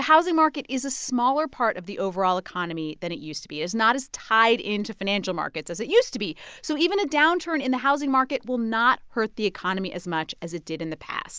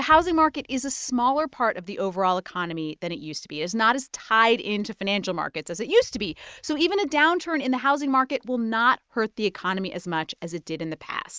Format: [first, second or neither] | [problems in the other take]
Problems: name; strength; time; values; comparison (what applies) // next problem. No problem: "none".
first | noise reduction (neural mask model RNNoise)